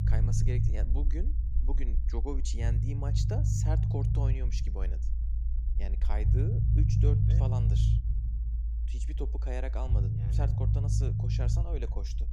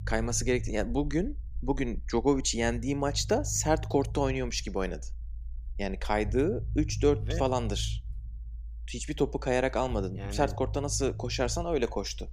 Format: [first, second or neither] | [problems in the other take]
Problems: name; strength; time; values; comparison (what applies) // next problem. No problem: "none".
second | low rumble; loud; throughout; 1 dB below the speech; faint in the second